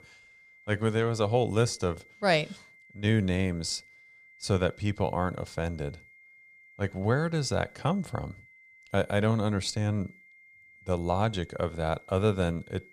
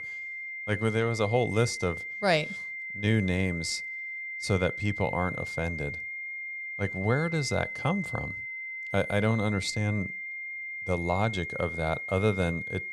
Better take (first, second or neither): first